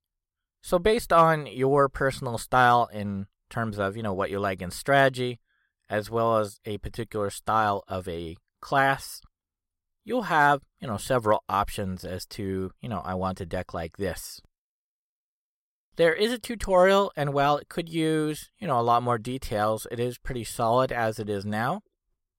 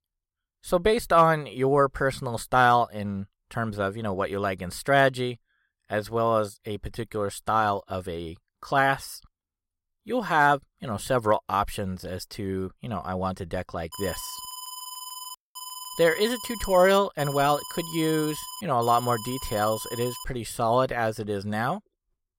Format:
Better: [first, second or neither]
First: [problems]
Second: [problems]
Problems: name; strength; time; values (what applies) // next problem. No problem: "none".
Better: first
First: none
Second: alarm; faint; from 14 to 20 s; peak 10 dB below the speech